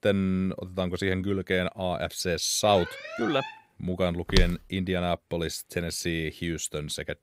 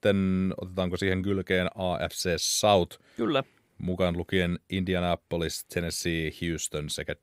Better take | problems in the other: second | alarm; noticeable; at 2.5 s; peak 7 dB below the speech // footsteps; loud; at 4.5 s; peak level with the speech

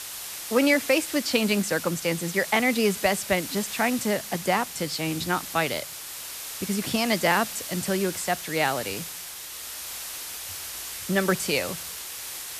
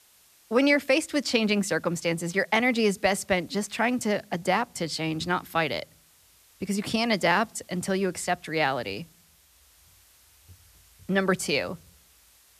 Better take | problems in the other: second | hiss; loud; throughout; 8 dB below the speech; faint in the second

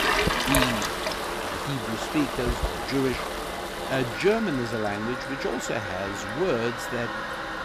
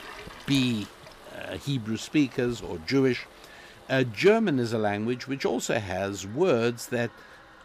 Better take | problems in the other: second | household noises; loud; throughout; as loud as the speech; faint in the second

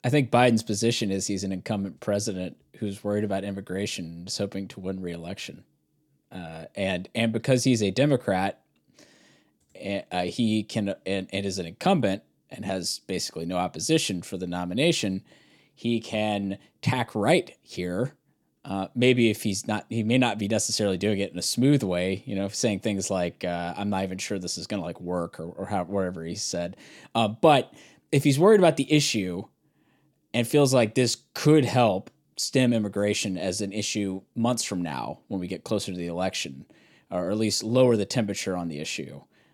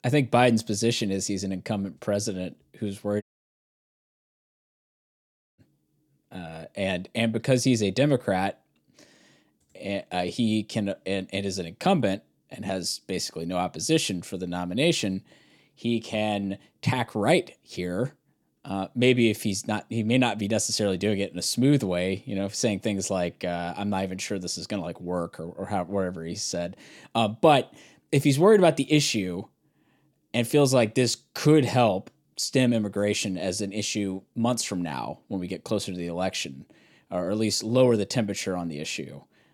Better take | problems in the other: first | audio cutting out; at 3 s for 2.5 s

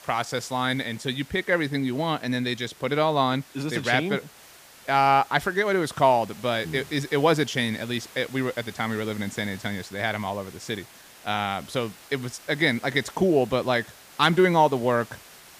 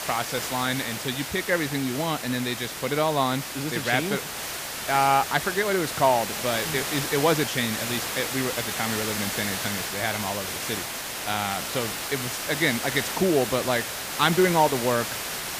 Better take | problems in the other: first | hiss; loud; throughout; 4 dB below the speech; faint in the first

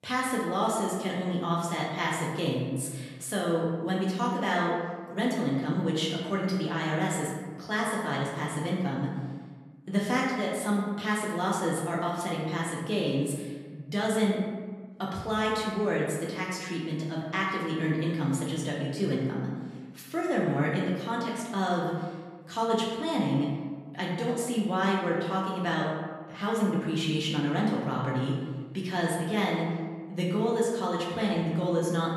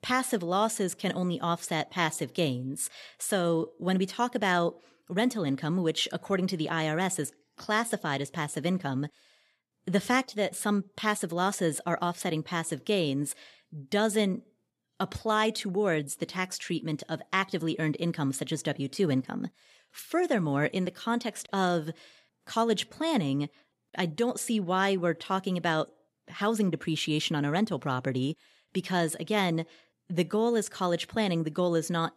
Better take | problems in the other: second | room echo; noticeable; dies away in 1.3 s // off-mic speech; far

